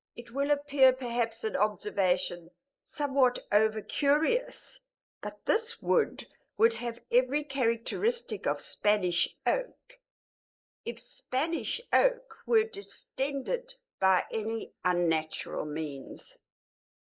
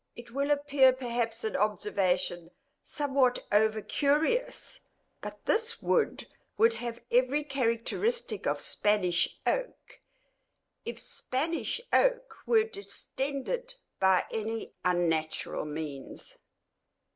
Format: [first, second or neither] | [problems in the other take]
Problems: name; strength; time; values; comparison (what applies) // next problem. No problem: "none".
second | noise reduction (neural mask model Resemble Enhance denoiser)